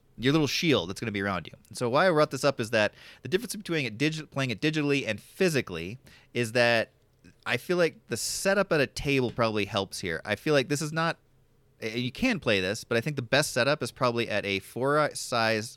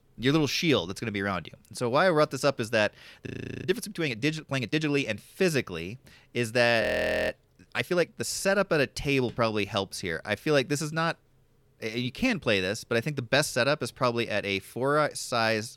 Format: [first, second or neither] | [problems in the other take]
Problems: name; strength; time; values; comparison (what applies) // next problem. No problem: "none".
first | audio freezing; at 3.5 s and at 7 s